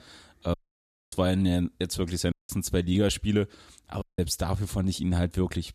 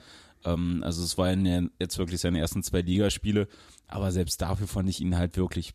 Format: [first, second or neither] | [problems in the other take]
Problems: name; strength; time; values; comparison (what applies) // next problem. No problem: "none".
second | audio cutting out; at 0.5 s for 0.5 s, at 2.5 s and at 4 s